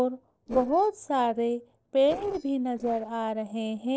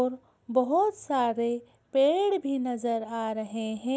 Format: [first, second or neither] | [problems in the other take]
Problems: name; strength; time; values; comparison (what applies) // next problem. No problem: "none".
second | noise reduction (neural separator model SepFormer DNS4)